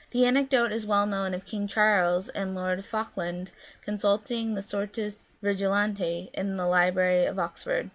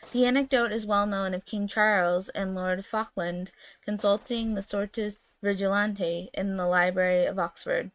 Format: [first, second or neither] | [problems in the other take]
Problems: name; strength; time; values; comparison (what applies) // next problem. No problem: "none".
first | noise reduction (neural mask model RNNoise)